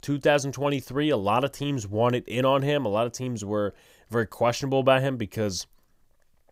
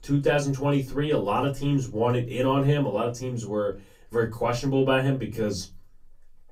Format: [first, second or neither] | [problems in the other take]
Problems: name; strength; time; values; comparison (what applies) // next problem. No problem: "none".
first | off-mic speech; far // room echo; very slight; dies away in 0.2 s